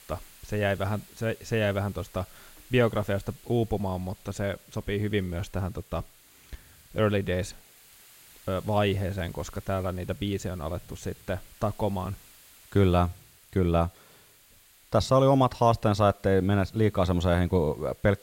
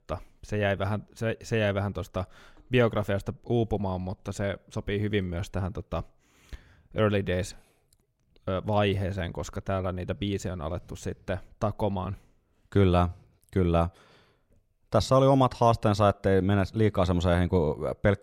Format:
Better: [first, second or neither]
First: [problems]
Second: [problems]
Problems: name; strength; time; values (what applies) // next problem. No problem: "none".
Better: second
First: hiss; faint; throughout; 25 dB below the speech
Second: none